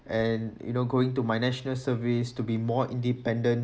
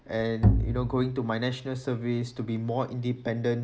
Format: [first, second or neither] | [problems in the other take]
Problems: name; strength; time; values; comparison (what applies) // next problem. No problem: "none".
first | background sound (Bowed string instrument); 2 dB above the speech